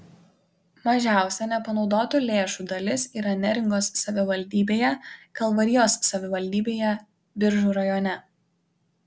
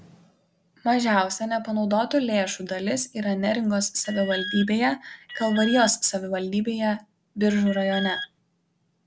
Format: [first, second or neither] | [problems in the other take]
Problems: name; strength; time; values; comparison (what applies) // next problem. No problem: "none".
first | background sound (Alarm); 10 dB below the speech